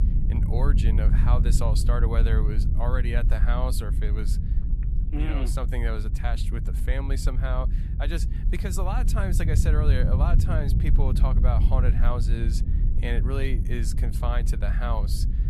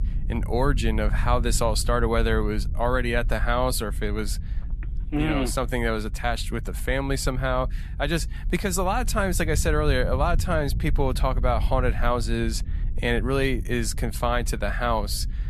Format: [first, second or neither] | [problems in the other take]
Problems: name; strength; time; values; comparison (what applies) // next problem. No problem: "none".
second | low rumble; loud; throughout; 7 dB below the speech; faint in the second